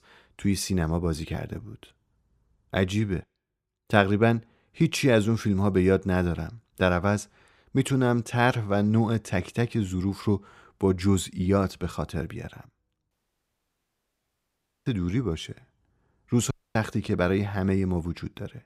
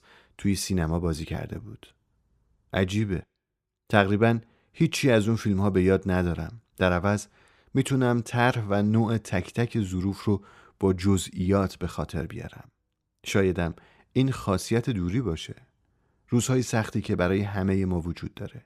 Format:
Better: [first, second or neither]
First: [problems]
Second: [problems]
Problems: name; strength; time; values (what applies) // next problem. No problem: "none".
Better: second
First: audio cutting out; at 13 s for 2 s and at 17 s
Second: none